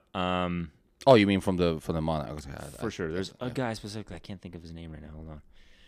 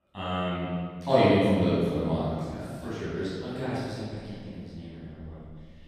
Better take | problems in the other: first | off-mic speech; far // room echo; strong; dies away in 1.8 s

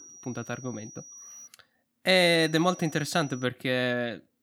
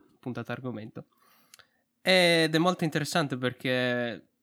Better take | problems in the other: second | high-pitched whine; noticeable; until 1.5 s and from 2.5 to 3.5 s; 6 kHz, 20 dB below the speech

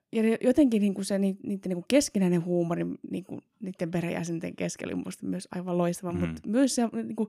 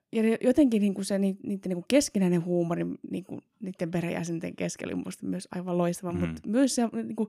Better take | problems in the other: neither | none

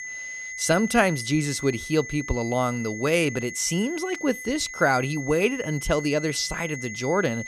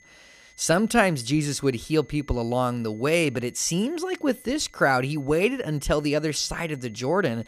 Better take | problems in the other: second | high-pitched whine; loud; throughout; 2 kHz, 10 dB below the speech; faint in the second

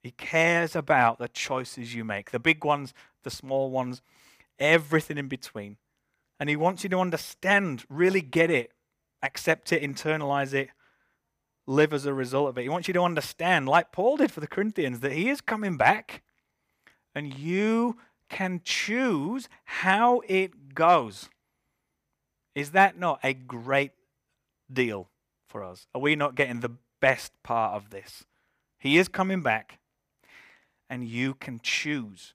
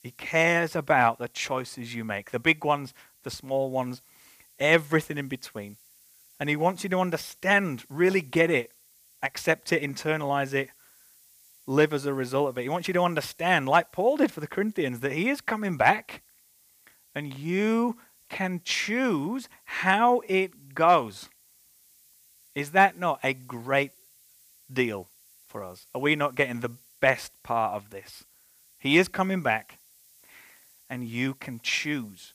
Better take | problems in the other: first | hiss; faint; throughout; 30 dB below the speech

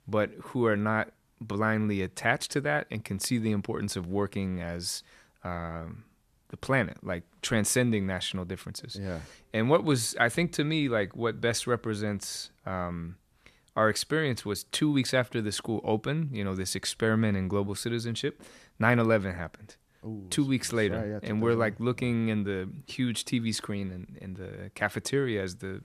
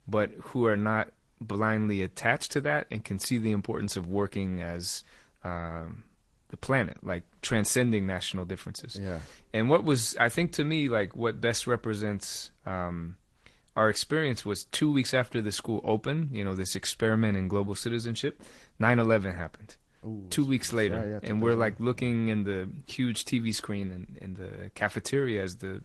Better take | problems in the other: first | garbled, watery; slightly; nothing above 12 kHz

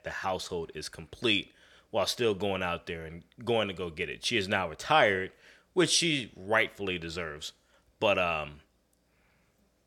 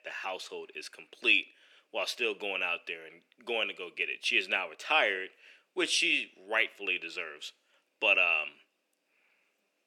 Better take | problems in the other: first | thin; somewhat; fading below 250 Hz

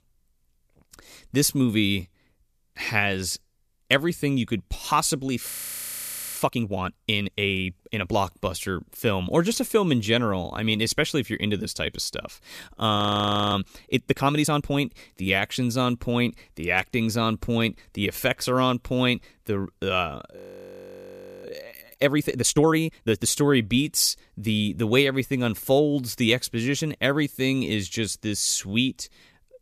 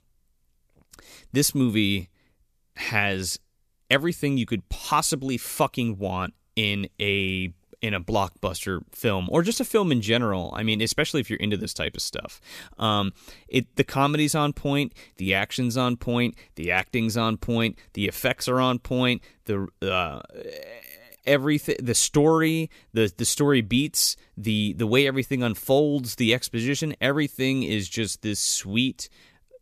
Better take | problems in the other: second | audio freezing; at 5.5 s for 1 s, at 13 s for 0.5 s and at 20 s for 1 s

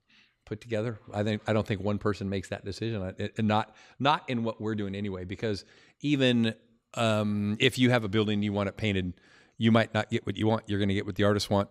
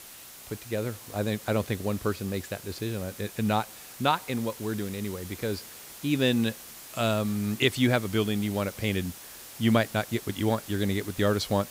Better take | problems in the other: first | hiss; noticeable; throughout; 15 dB below the speech

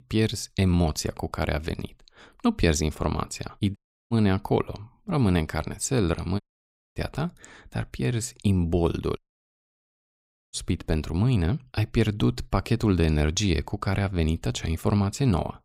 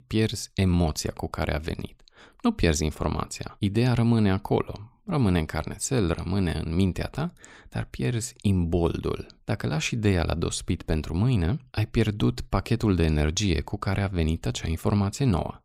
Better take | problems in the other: second | audio cutting out; at 4 s, at 6.5 s for 0.5 s and at 9 s for 1.5 s

